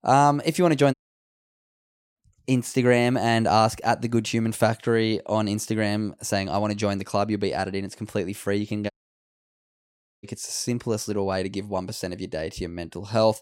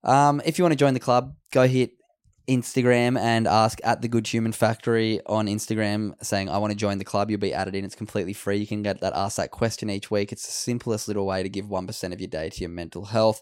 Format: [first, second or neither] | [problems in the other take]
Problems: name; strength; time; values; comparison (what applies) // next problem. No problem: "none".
second | audio cutting out; at 1 s for 1 s and at 9 s for 1.5 s